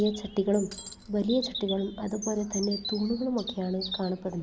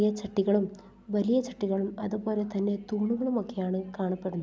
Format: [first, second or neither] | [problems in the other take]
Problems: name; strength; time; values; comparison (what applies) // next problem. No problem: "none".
second | background sound (Bird vocalization, bird call, bird song + Shatter); 11 dB below the speech